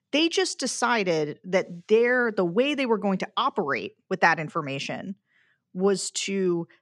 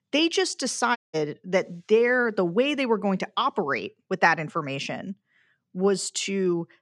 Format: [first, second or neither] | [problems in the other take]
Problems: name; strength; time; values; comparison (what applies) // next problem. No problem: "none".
first | audio cutting out; at 1 s